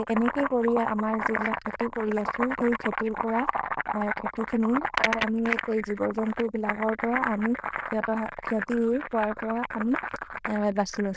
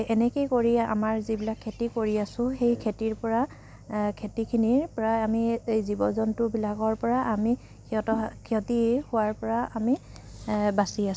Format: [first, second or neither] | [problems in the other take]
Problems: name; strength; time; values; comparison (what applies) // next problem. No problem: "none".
second | noise reduction (neural diffusion model UNIVERSE++)